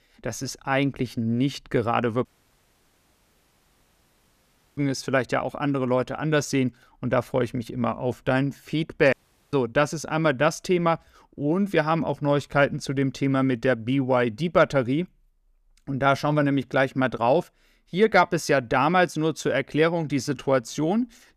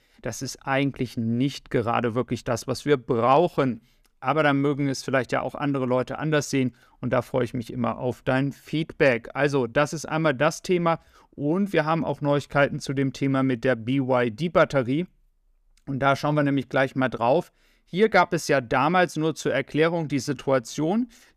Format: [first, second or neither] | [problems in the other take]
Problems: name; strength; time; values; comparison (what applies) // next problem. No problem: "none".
second | audio cutting out; at 2.5 s for 2.5 s and at 9 s